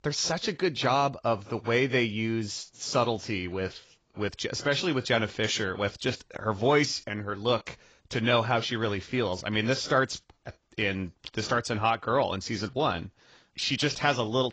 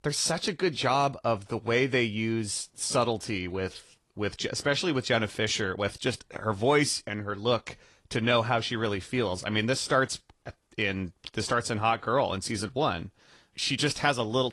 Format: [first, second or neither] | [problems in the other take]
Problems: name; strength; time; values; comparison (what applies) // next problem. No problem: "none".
second | garbled, watery; badly; nothing above 7.5 kHz; slightly in the second